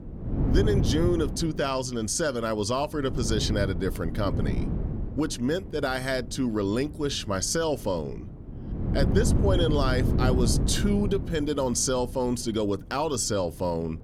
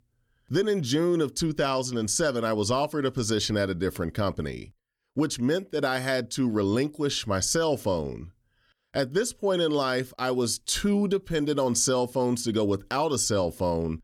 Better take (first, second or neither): second